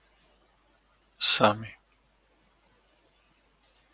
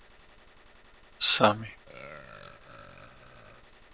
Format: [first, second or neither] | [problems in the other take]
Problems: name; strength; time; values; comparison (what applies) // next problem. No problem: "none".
first | background sound (Burping, eructation + Gunshot, gunfire); 17 dB below the speech